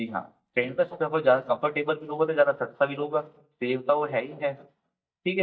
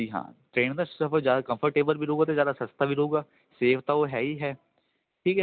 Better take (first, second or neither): second